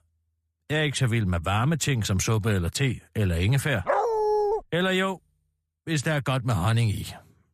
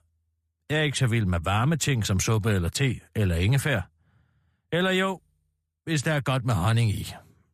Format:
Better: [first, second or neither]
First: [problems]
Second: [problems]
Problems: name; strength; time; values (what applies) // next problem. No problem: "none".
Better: second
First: dog barking; loud; at 4 s; peak 2 dB above the speech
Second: none